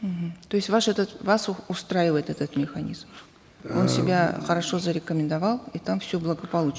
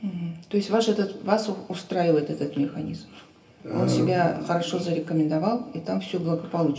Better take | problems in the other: first | room echo; dies away in 0.3 s

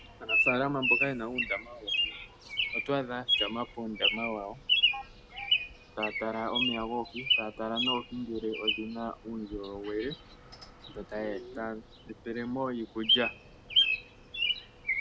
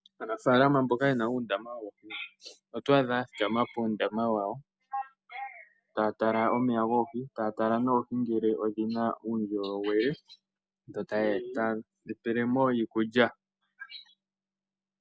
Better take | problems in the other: second | background sound (Bird vocalization, bird call, bird song); 3 dB above the speech

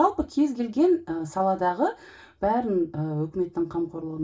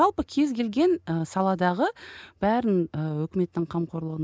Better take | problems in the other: second | room echo; dies away in 0.2 s

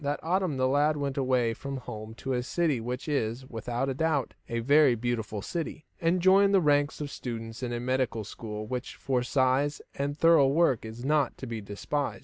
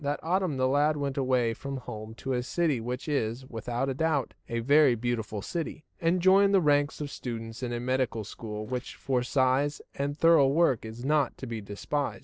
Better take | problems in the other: first | noise reduction (neural separator model SepFormer DNS4)

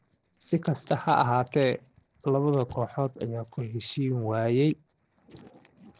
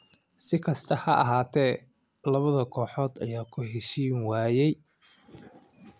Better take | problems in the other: second | noise reduction (neural separator model SepFormer DNS4)

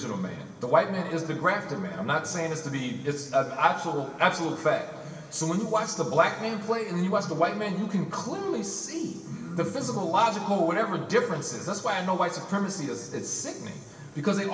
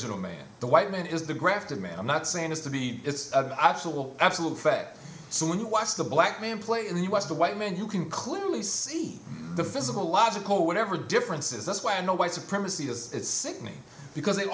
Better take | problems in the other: second | room echo; dies away in 2.6 s

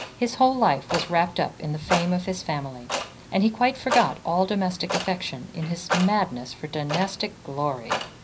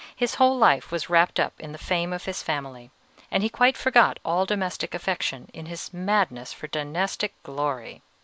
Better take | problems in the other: second | background sound (Clock); 8 dB below the speech // room echo; dies away in 0.4 s

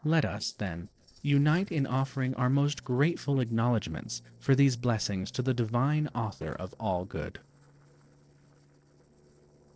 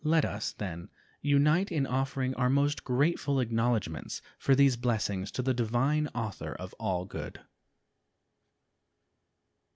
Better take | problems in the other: second | noise reduction (neural separator model SepFormer DNS4)

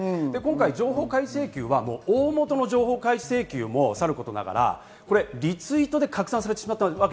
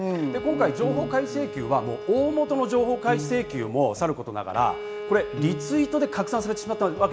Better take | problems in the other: first | background sound (Bowed string instrument + Piano); 9 dB below the speech

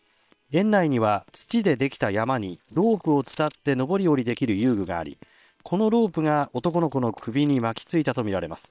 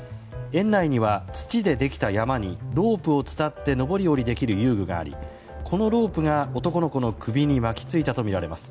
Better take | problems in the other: second | noise reduction (neural separator model SepFormer WHAM!)

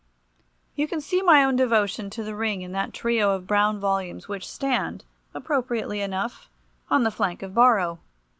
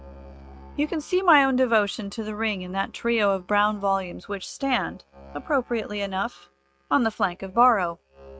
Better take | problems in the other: first | noise reduction (neural mask model RNNoise)

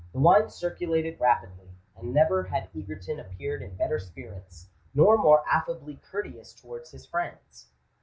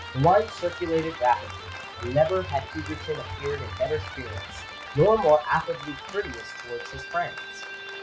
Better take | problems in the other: first | background sound (Applause + Electric guitar); 12 dB below the speech

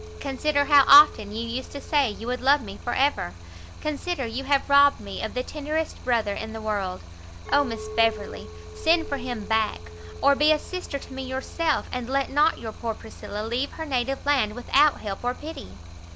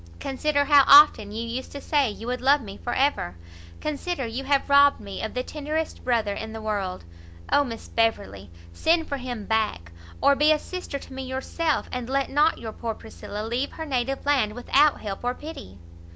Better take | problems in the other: second | background sound (Chink, clink + Stream); 17 dB below the speech

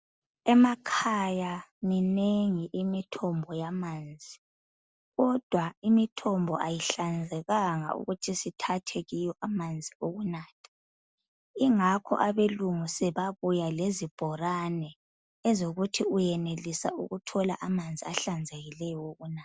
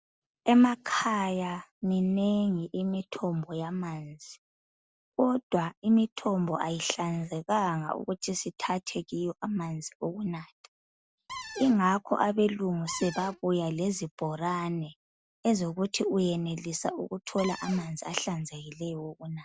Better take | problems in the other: first | background sound (Cupboard open or close); 12 dB below the speech

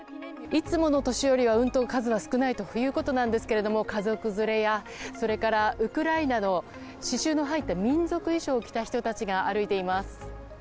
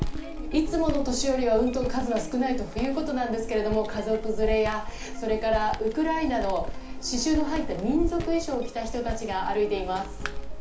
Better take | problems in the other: first | background sound (Walk, footsteps); 5 dB below the speech // room echo; dies away in 0.4 s

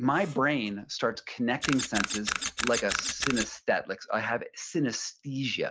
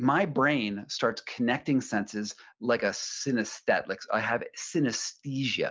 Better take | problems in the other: second | background sound (Camera); 5 dB below the speech

